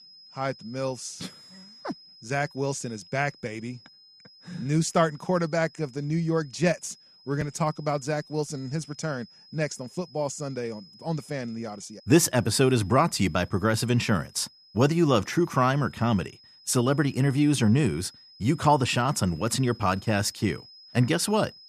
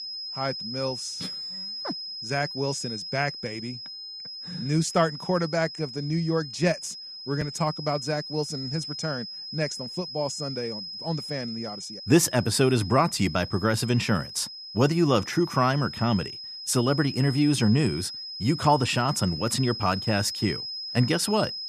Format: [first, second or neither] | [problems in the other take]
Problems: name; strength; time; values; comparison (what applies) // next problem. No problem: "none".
first | high-pitched whine; loud; throughout; 5 kHz, 8 dB below the speech; faint in the first